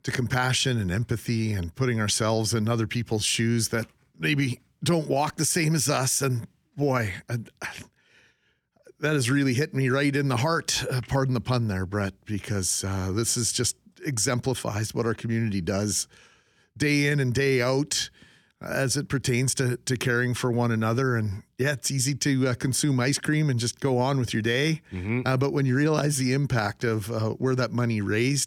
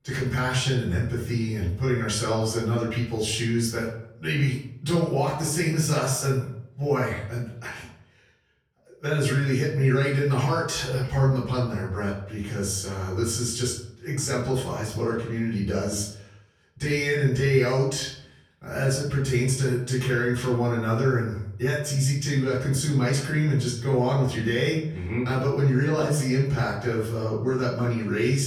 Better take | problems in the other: first | off-mic speech; far // room echo; noticeable; dies away in 0.6 s

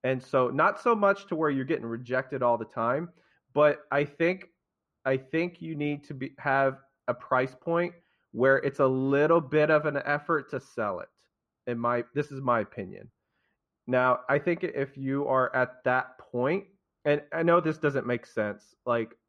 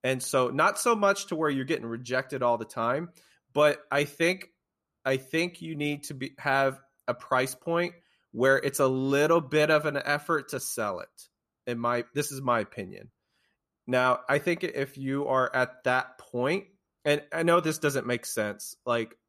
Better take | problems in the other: second | muffled; very; fading above 2 kHz

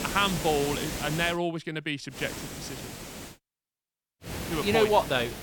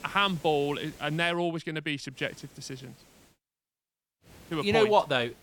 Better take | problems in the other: second | hiss; loud; until 1.5 s, from 2 to 3.5 s and from 4.5 s on; 8 dB below the speech; faint in the second

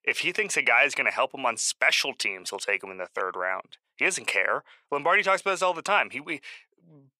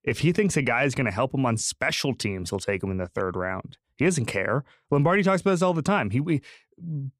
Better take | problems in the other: second | thin; very; fading below 700 Hz

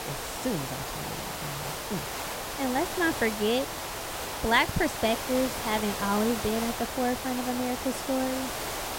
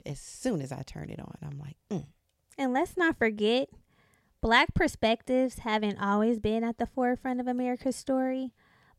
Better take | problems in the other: second | hiss; loud; throughout; 4 dB below the speech

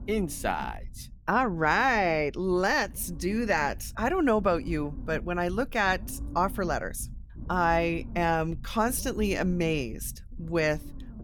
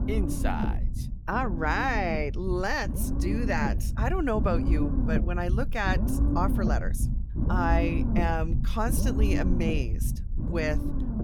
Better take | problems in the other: first | low rumble; loud; throughout; 8 dB below the speech; faint in the first

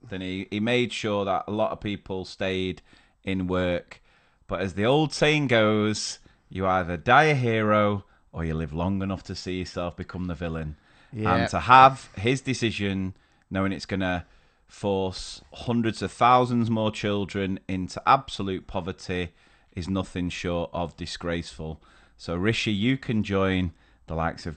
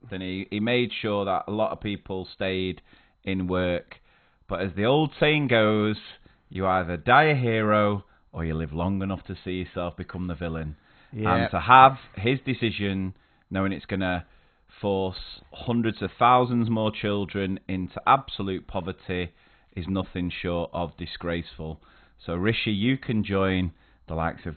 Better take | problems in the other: first | garbled, watery; badly; nothing above 4 kHz; slightly in the first

